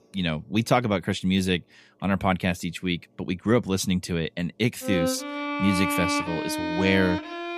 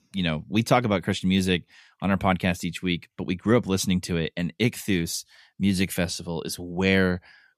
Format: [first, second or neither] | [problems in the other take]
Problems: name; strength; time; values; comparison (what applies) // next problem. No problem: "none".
second | background music; loud; throughout; 2 dB below the speech